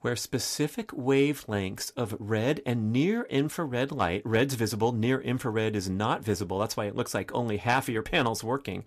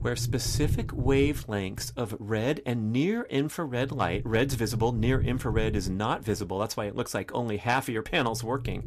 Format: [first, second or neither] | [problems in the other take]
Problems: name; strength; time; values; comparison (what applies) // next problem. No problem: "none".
first | low rumble; noticeable; throughout; 15 dB below the speech